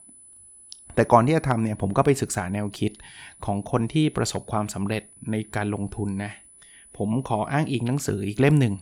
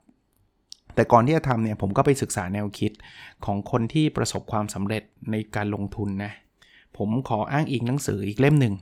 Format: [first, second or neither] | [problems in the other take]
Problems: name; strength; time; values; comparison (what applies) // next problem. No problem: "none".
second | high-pitched whine; faint; throughout; 10 kHz, 25 dB below the speech